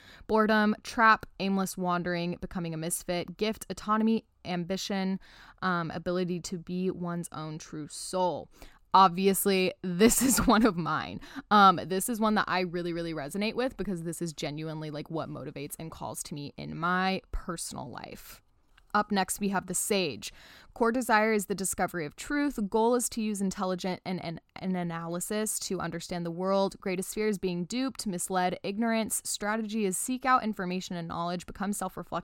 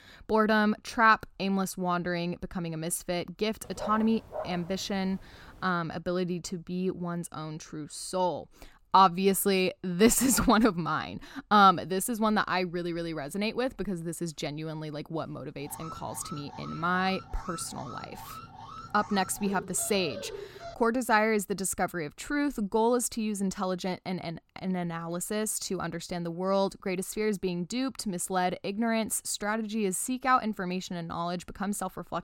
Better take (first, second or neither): first